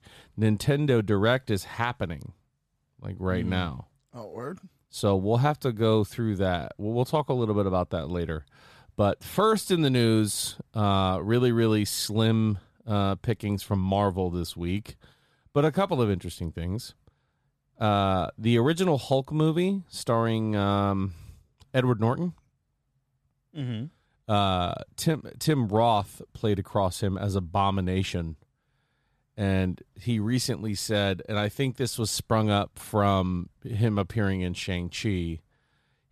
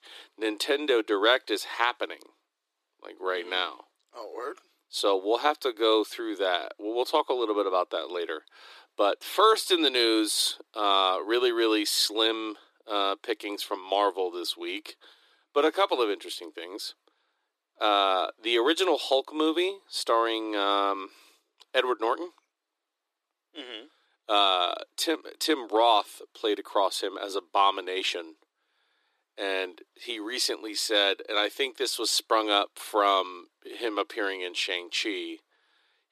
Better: first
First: none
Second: thin; very; fading below 300 Hz

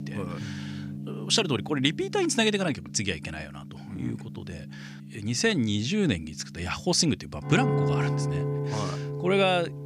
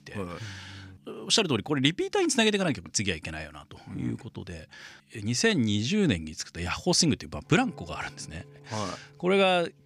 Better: second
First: background music; loud; throughout; 7 dB below the speech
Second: background music; faint; throughout; 30 dB below the speech

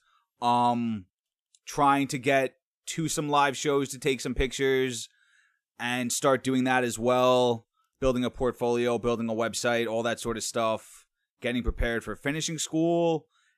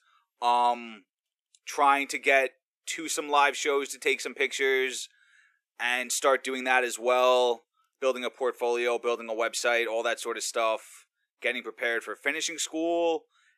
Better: first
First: none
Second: thin; somewhat; fading below 350 Hz

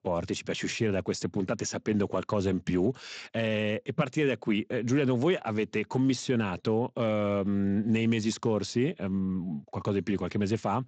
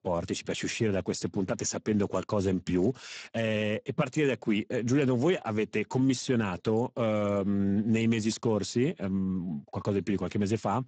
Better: first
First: garbled, watery; slightly; nothing above 7.5 kHz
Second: garbled, watery; badly; nothing above 7.5 kHz

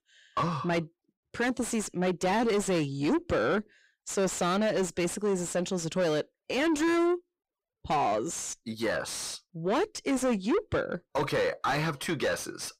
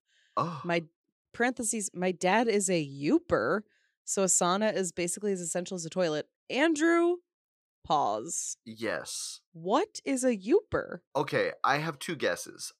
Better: second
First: distortion; heavy; 6 dB below the speech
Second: none

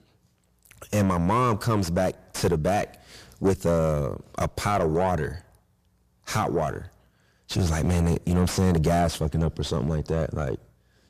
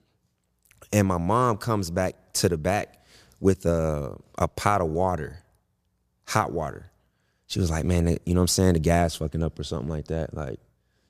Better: second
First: distortion; heavy; 5 dB below the speech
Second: none

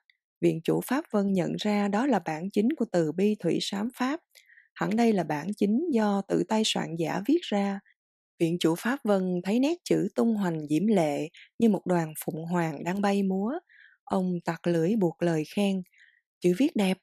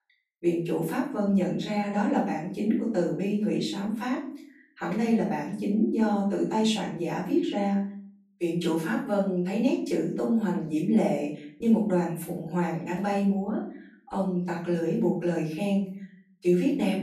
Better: first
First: none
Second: off-mic speech; far // room echo; noticeable; dies away in 0.5 s

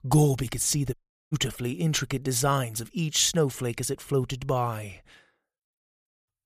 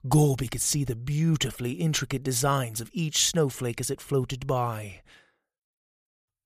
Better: second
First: audio cutting out; at 1 s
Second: none

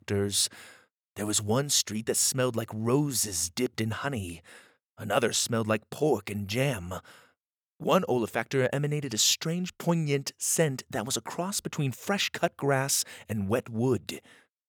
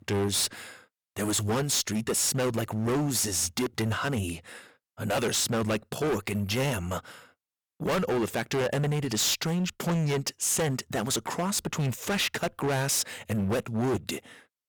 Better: first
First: none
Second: distortion; heavy; 20% of the sound clipped

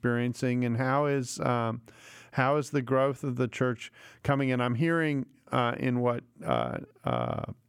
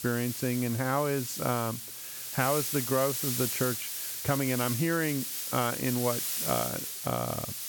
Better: first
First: none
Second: hiss; loud; throughout; 2 dB below the speech

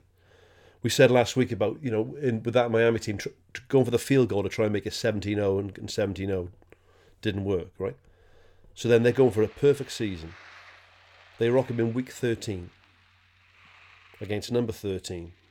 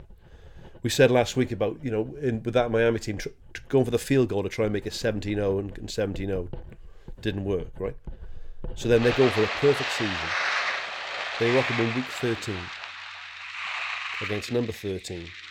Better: first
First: household noises; faint; throughout; 25 dB below the speech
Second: household noises; loud; throughout; 4 dB below the speech

